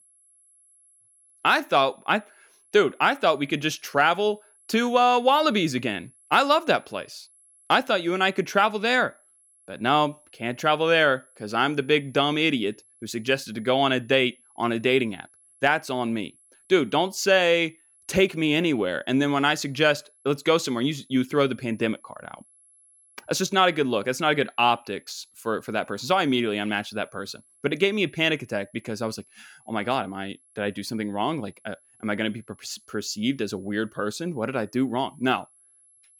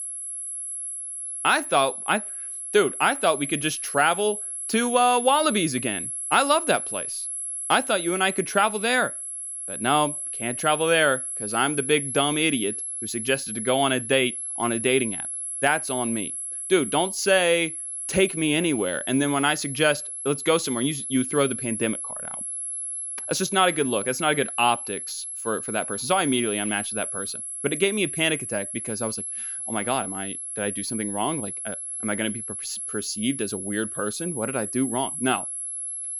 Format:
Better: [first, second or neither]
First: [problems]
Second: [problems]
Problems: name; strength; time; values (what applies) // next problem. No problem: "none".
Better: first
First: high-pitched whine; faint; throughout; 11 kHz, 30 dB below the speech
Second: high-pitched whine; loud; throughout; 11 kHz, 5 dB below the speech